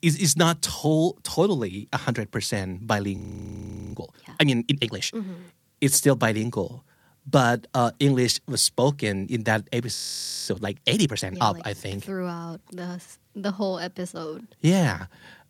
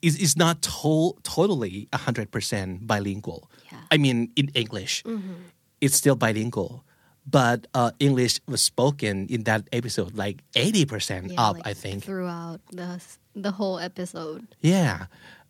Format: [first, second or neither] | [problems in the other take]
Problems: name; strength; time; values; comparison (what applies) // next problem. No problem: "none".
second | audio freezing; at 3 s for 0.5 s and at 10 s for 0.5 s